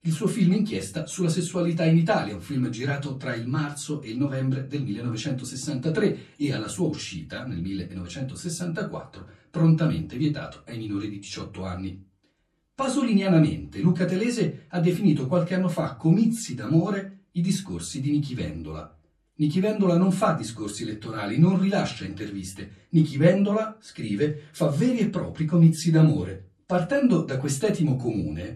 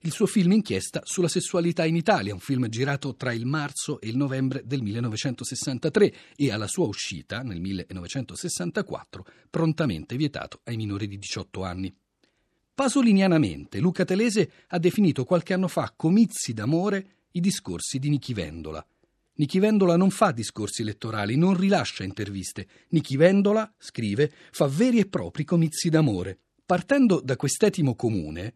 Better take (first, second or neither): second